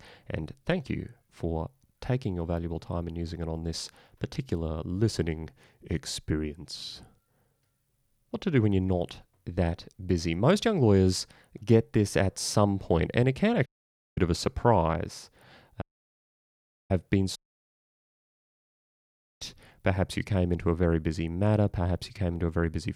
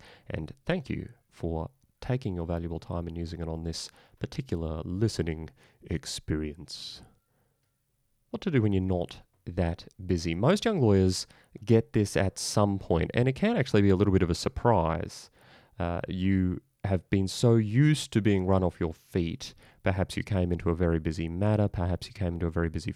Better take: second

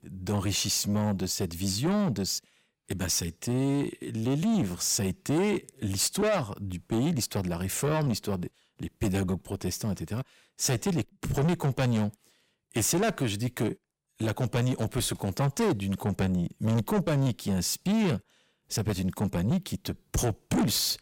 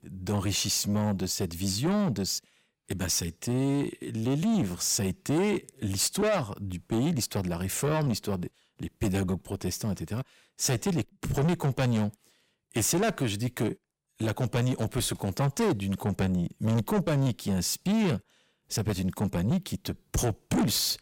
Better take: neither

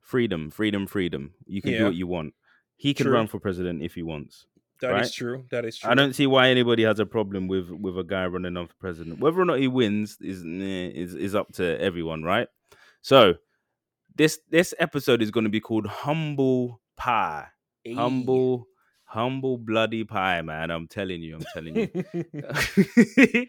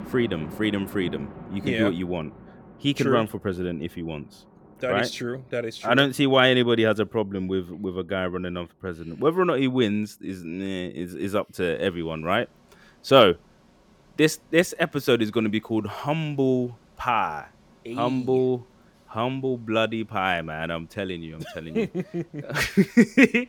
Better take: first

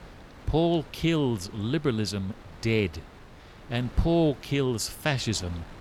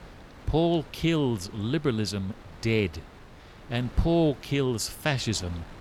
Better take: neither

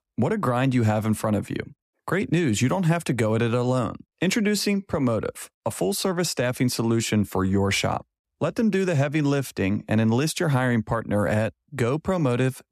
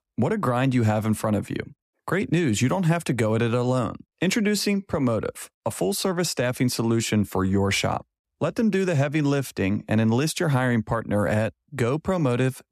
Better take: neither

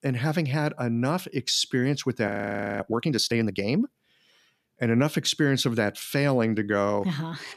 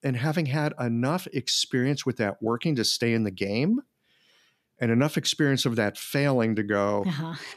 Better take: second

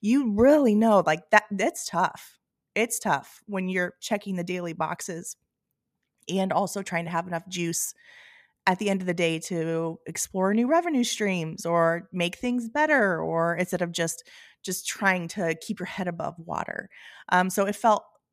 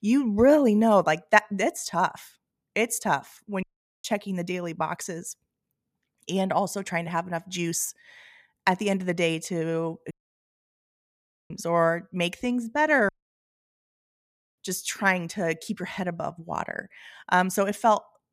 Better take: first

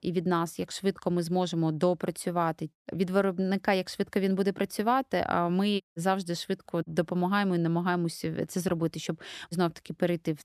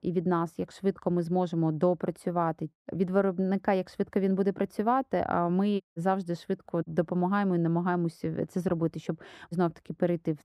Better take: first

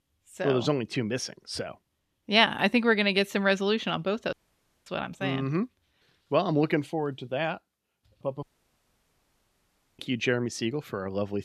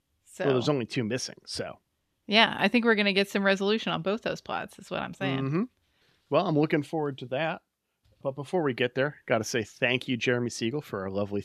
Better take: second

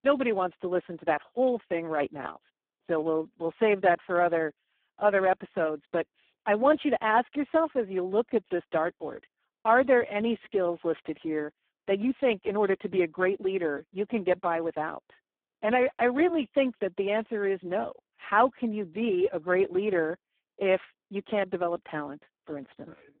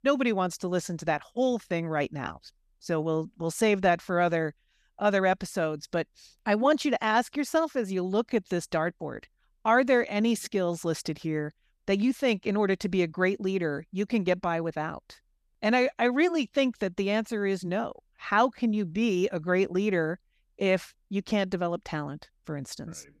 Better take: second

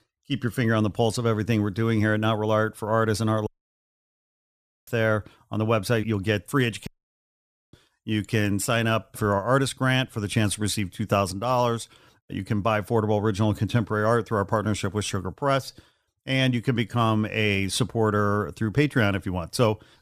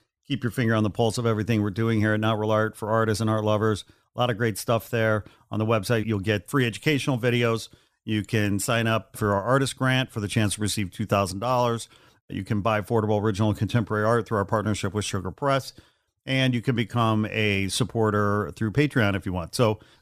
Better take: second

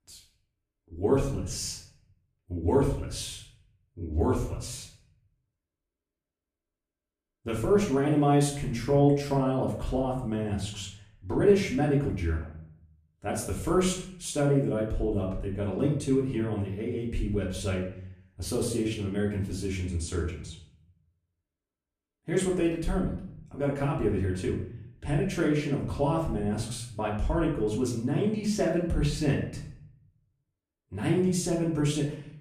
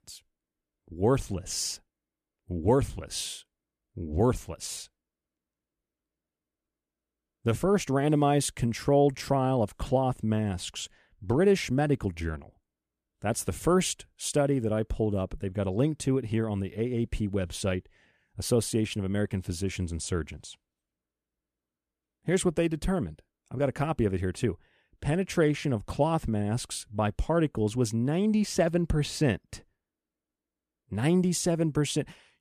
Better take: second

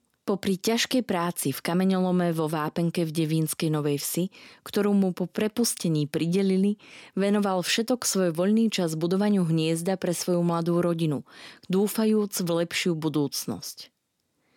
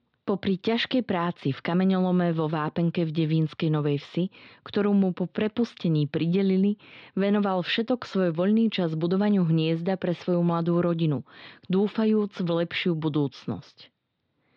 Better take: first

